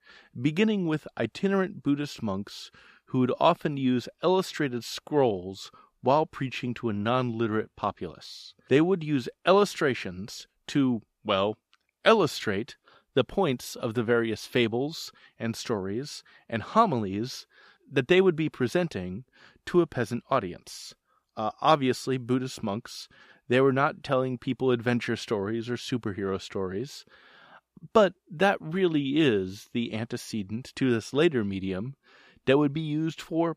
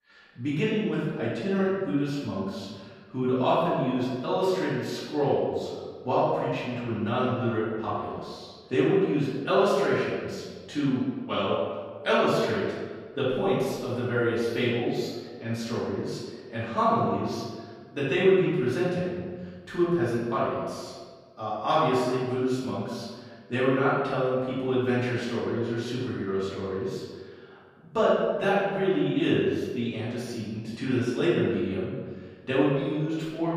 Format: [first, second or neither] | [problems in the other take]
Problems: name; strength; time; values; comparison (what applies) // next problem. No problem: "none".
first | off-mic speech; far // room echo; strong; dies away in 1.4 s